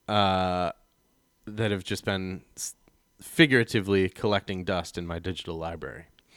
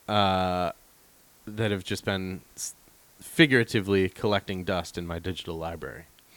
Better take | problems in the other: first | hiss; faint; throughout; 30 dB below the speech

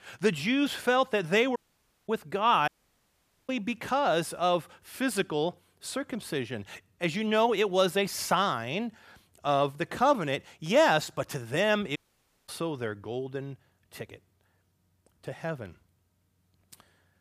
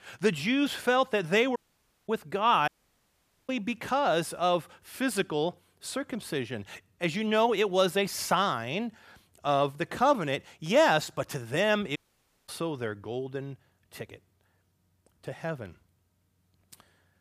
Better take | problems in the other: neither | audio cutting out; at 1.5 s for 0.5 s, at 2.5 s for 1 s and at 12 s for 0.5 s; the same in both

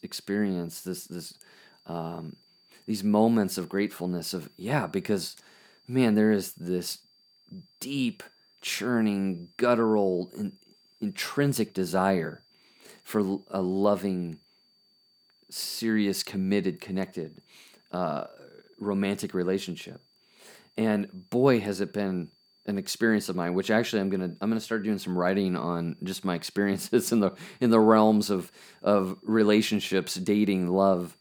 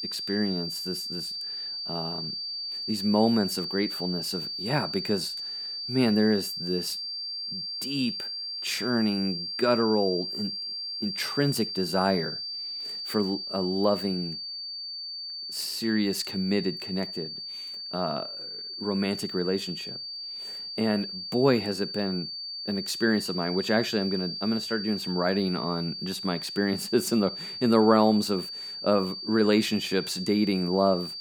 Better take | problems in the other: first | high-pitched whine; loud; throughout; 4.5 kHz, 5 dB below the speech; faint in the first

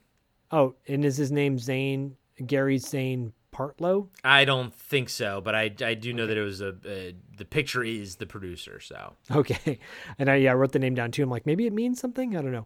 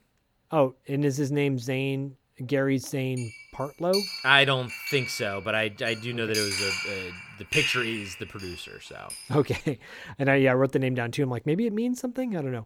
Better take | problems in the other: first | clattering dishes; loud; from 3 to 9.5 s; peak 2 dB above the speech

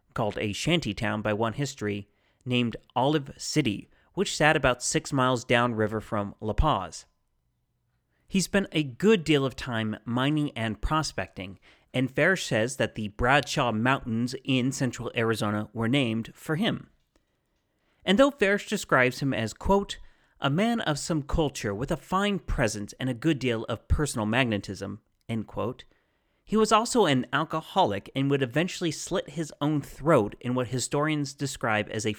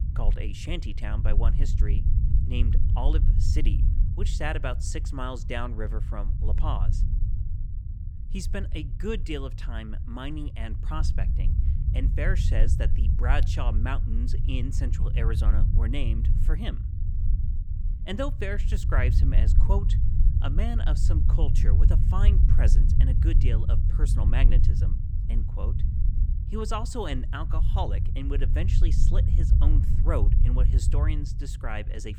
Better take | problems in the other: first | low rumble; loud; throughout; 7 dB below the speech

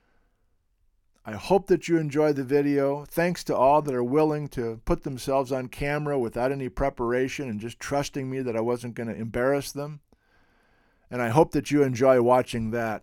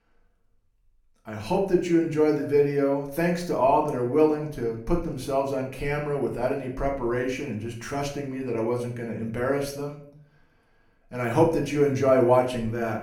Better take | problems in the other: first | room echo; slight; dies away in 0.5 s // off-mic speech; far

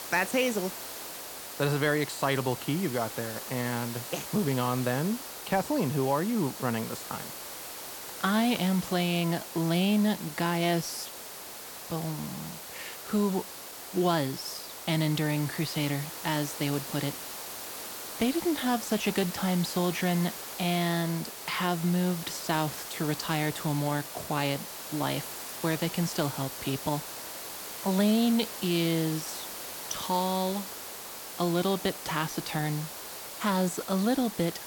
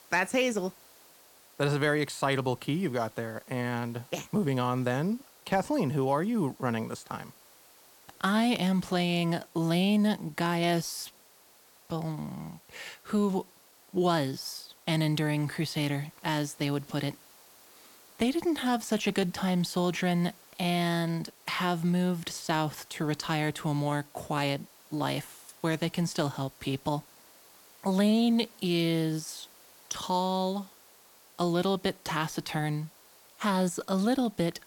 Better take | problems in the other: second | hiss; loud; throughout; 8 dB below the speech; faint in the second

